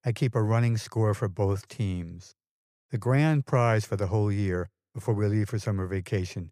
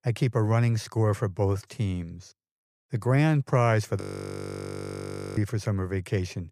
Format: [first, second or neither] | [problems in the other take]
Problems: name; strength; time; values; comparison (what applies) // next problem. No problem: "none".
first | audio freezing; at 4 s for 1.5 s